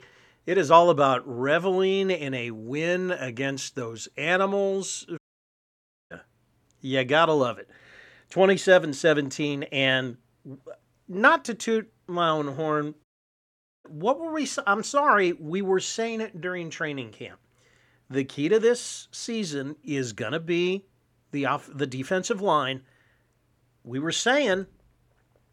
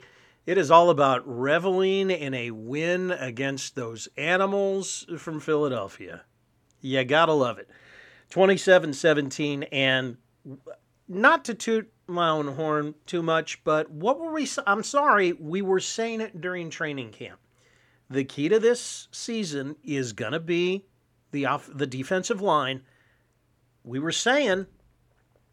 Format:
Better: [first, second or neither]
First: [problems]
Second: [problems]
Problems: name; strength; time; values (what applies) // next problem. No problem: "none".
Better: second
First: audio cutting out; at 5 s for 1 s and at 13 s for 1 s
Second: none